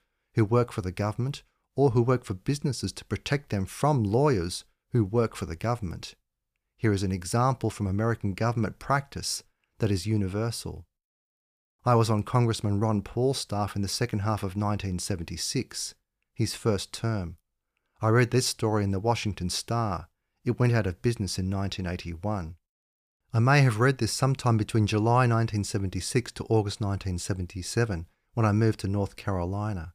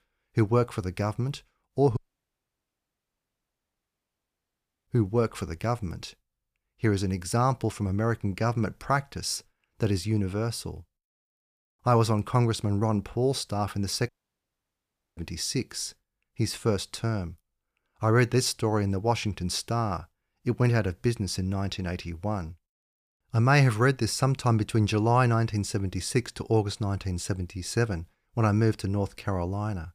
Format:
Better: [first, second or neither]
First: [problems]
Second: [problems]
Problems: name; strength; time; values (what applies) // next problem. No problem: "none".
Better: first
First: none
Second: audio cutting out; at 2 s for 3 s and at 14 s for 1 s